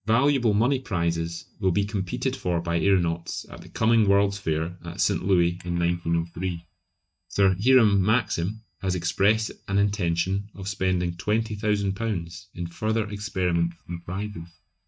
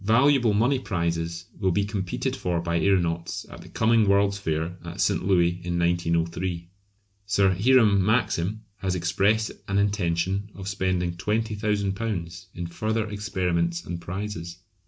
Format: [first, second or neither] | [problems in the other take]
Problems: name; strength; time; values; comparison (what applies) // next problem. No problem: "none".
second | noise reduction (neural mask model DeepFilterNet 3)